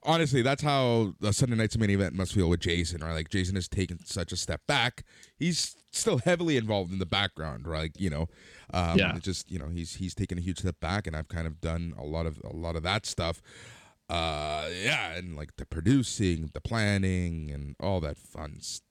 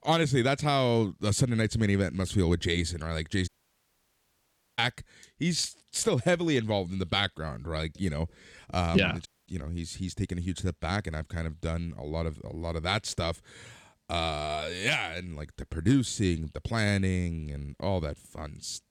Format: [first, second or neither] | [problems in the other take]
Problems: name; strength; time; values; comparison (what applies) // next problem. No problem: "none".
first | audio cutting out; at 3.5 s for 1.5 s and at 9.5 s